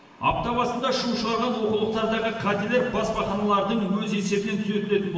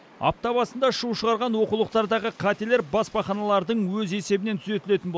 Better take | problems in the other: second | room echo; dies away in 1.2 s

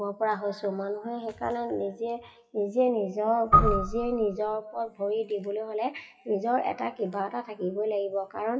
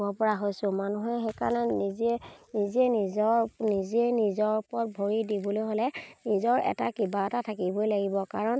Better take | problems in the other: second | noise reduction (classical method WPE with log-MMSE)

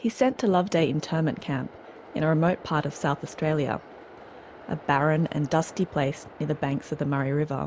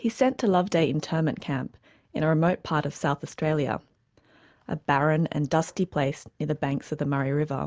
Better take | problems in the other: second | background sound (Train); 20 dB below the speech

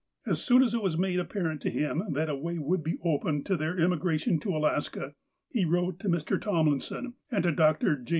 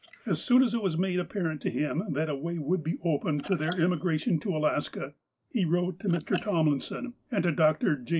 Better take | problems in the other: first | noise reduction (neural mask model Resemble Enhance denoiser)

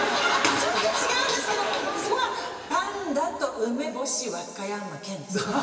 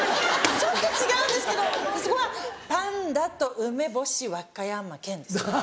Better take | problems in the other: second | room echo; dies away in 2.6 s

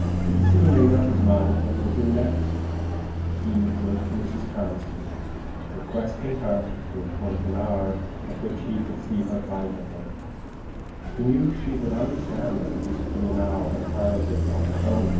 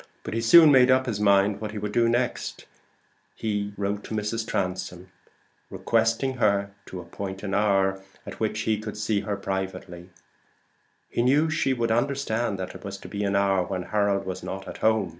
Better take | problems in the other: second | background sound (Car passing by); 2 dB above the speech // room echo; dies away in 0.9 s

